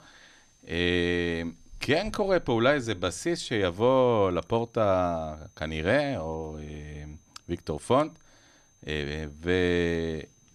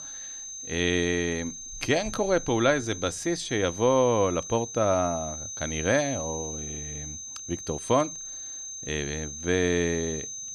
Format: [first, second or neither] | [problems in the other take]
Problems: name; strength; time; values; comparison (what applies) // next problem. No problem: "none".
first | high-pitched whine; loud; throughout; 6.5 kHz, 8 dB below the speech; faint in the first